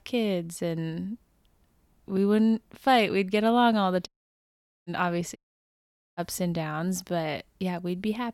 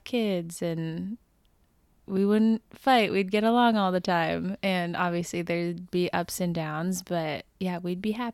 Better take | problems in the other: second | audio cutting out; at 4 s for 1 s and at 5.5 s for 1 s

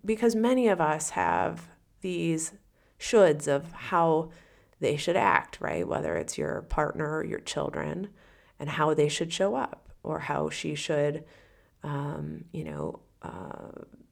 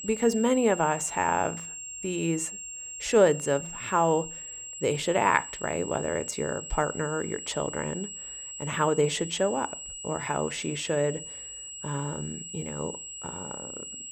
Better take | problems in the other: first | high-pitched whine; loud; throughout; 7.5 kHz, 9 dB below the speech

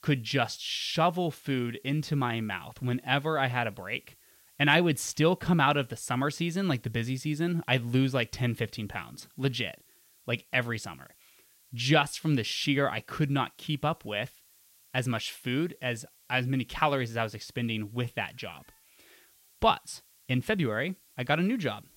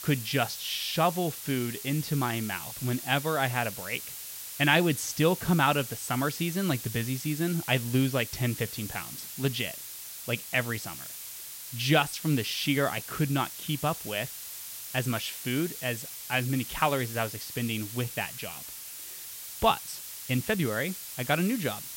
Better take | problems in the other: first | hiss; loud; throughout; 9 dB below the speech; faint in the first

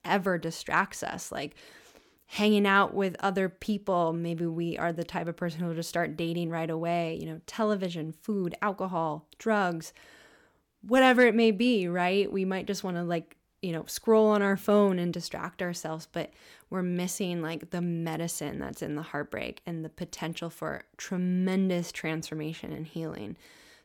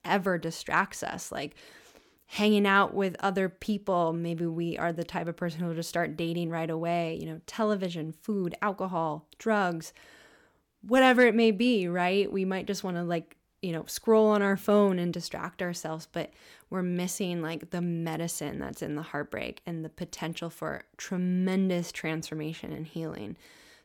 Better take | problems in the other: neither | none

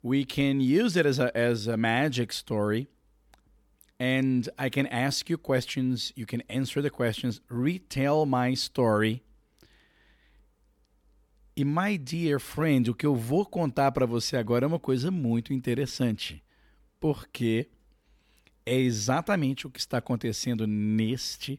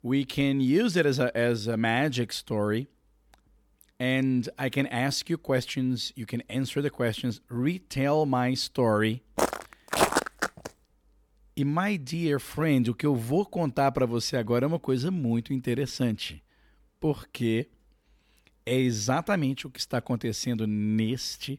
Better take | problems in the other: first | footsteps; loud; from 9.5 to 11 s; peak 3 dB above the speech

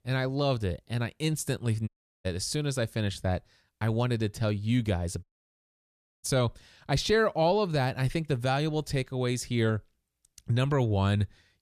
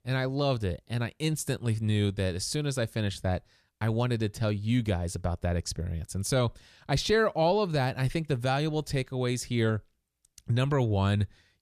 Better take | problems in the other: second | audio cutting out; at 2 s and at 5 s for 1 s

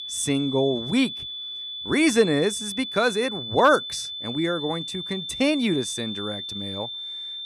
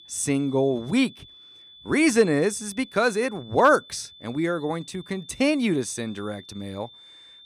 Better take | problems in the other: second | high-pitched whine; loud; throughout; 3.5 kHz, 7 dB below the speech; faint in the second

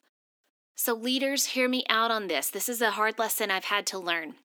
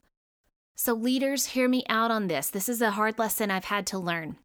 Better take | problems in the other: second | thin; very slightly; fading below 300 Hz

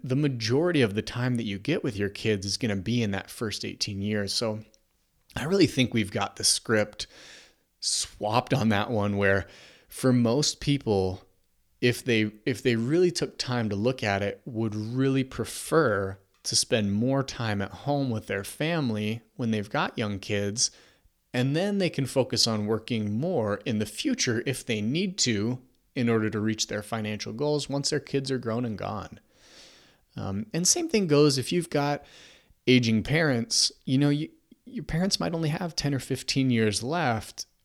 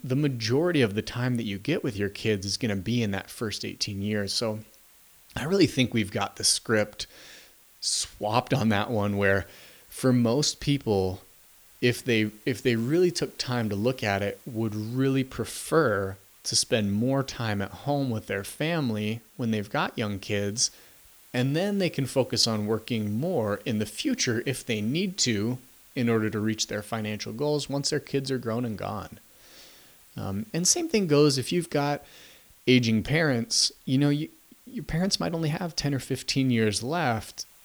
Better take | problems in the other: first | hiss; faint; throughout; 25 dB below the speech

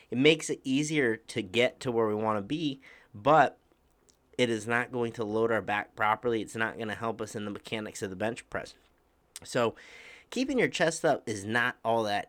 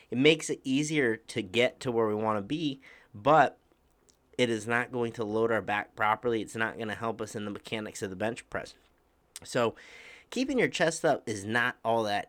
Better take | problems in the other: neither | none

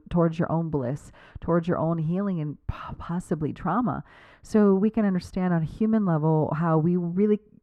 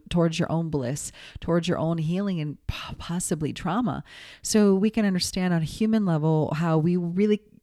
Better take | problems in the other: second | muffled; very; fading above 2 kHz

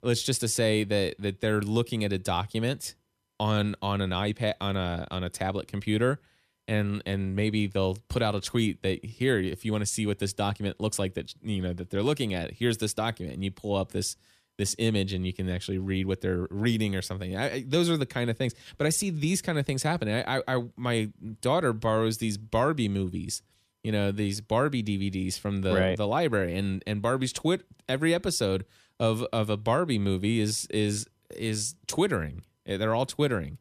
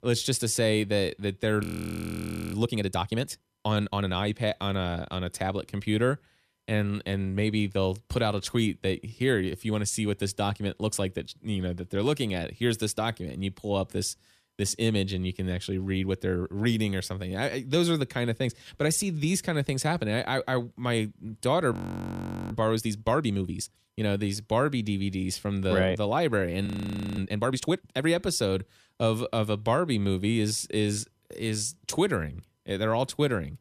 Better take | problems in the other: first | audio freezing; at 1.5 s for 1 s, at 22 s for 1 s and at 27 s for 0.5 s

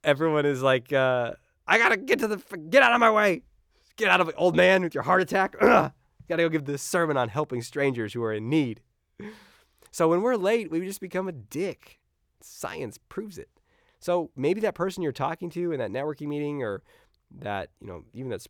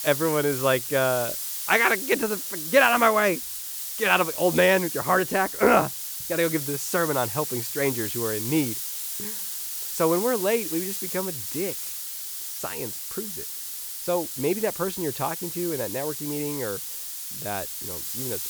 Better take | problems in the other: first | hiss; loud; throughout; 5 dB below the speech

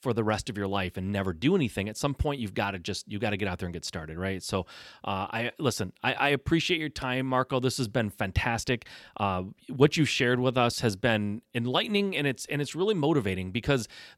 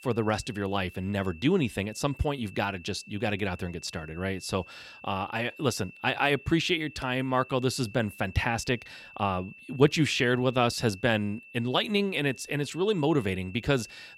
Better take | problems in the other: first | high-pitched whine; noticeable; throughout; 2.5 kHz, 20 dB below the speech

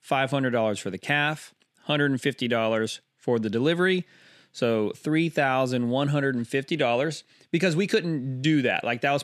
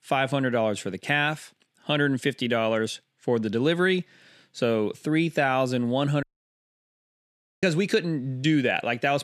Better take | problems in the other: first | audio cutting out; at 6 s for 1.5 s

